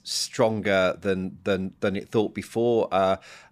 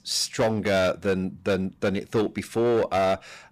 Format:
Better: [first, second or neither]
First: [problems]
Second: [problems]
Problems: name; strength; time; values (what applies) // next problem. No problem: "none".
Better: first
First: none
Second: distortion; slight; 9% of the sound clipped